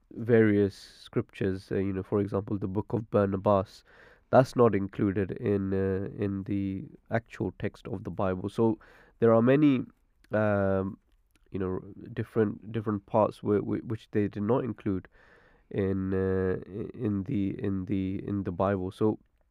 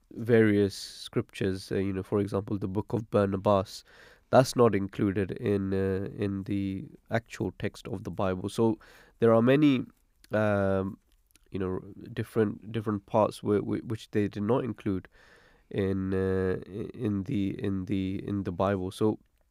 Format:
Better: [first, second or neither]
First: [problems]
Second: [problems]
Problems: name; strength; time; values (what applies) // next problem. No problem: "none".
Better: second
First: muffled; slightly; fading above 3 kHz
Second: none